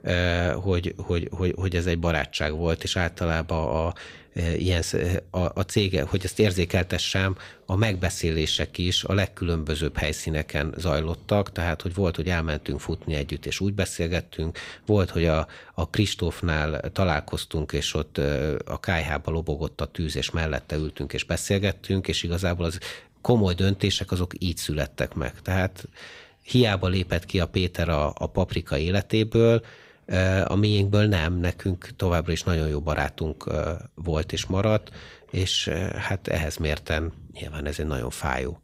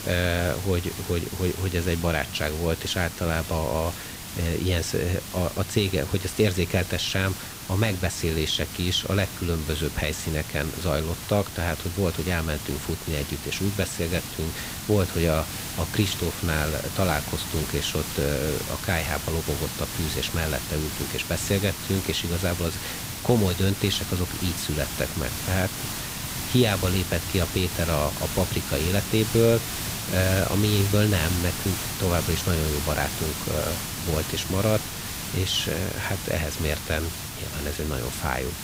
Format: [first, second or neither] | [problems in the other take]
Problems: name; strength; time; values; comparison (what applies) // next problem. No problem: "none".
first | hiss; loud; throughout; 5 dB below the speech